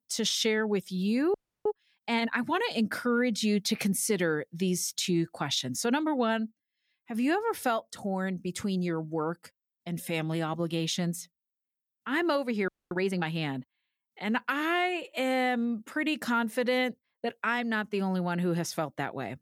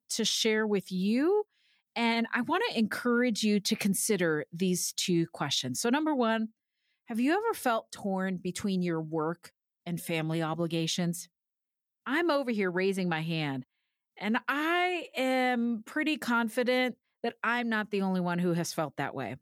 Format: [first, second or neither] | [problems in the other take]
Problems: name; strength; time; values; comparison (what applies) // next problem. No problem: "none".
second | audio freezing; at 1.5 s and at 13 s